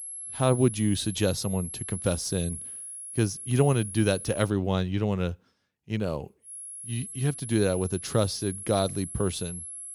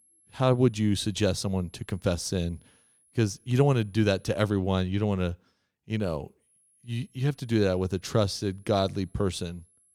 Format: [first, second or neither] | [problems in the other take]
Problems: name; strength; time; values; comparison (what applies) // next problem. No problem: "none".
second | high-pitched whine; loud; until 4.5 s and from 6.5 s on; 11 kHz, 9 dB below the speech; faint in the second